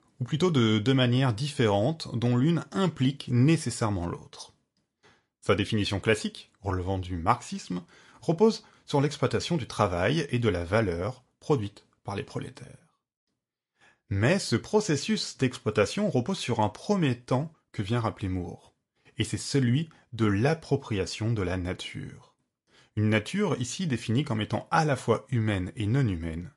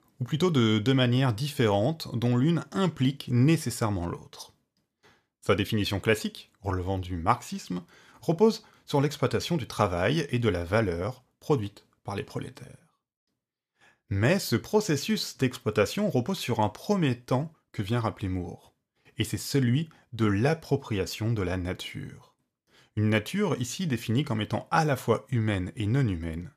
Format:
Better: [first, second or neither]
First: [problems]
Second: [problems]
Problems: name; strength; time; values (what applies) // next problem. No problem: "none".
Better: second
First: garbled, watery; slightly; nothing above 11 kHz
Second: none